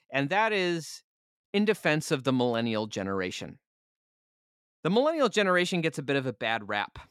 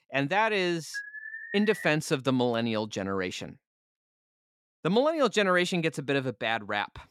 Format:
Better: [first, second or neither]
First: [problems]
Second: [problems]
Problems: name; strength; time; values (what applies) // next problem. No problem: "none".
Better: first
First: none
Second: alarm; faint; at 1 s; peak 10 dB below the speech